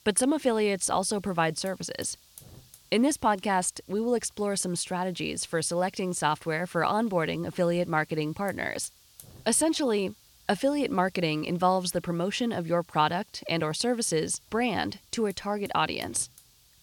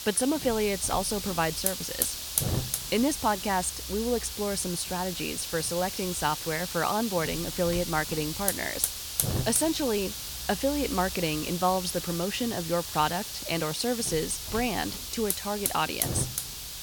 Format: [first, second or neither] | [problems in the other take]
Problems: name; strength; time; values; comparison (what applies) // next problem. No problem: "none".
first | hiss; loud; throughout; 3 dB below the speech; faint in the first